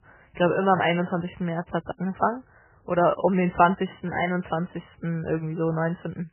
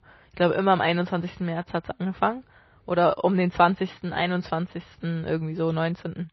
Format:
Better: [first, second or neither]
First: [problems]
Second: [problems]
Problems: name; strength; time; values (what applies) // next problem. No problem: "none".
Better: second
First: garbled, watery; badly; nothing above 3 kHz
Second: garbled, watery; slightly; nothing above 5.5 kHz